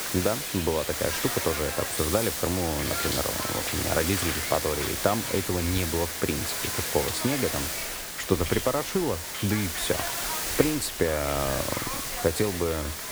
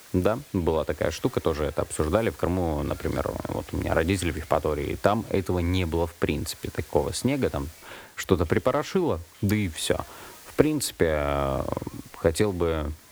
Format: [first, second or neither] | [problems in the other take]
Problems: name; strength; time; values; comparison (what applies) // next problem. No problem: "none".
second | hiss; loud; throughout; as loud as the speech; faint in the second